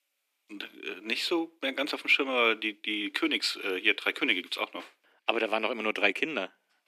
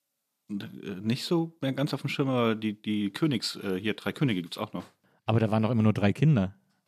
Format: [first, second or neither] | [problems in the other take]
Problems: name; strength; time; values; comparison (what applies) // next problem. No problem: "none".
second | thin; very; fading below 300 Hz